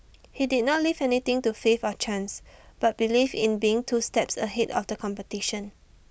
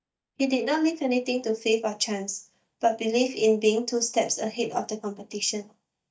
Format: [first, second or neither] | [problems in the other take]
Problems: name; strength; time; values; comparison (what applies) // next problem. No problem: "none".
first | noise reduction (neural mask model DeepFilterNet 3)